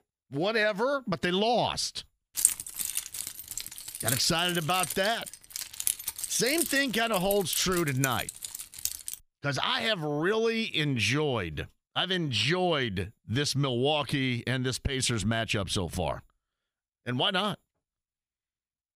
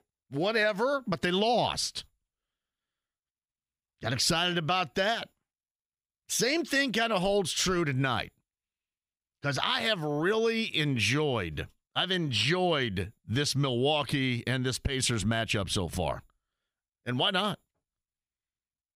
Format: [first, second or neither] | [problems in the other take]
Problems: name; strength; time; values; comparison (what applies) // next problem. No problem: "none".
second | jangling keys; loud; from 2.5 to 9 s; peak 4 dB above the speech